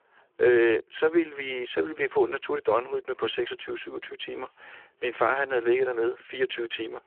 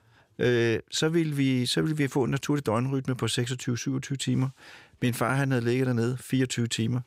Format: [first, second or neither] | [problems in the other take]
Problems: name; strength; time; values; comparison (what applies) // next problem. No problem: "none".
second | phone-call audio; poor line; nothing above 3.5 kHz